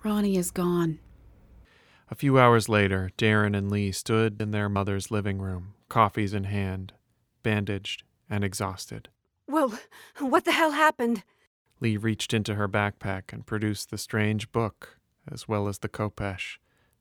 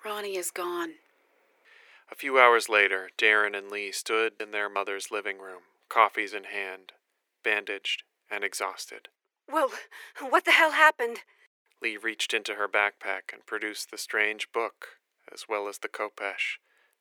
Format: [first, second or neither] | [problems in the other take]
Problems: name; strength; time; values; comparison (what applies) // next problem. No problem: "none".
first | thin; very; fading below 400 Hz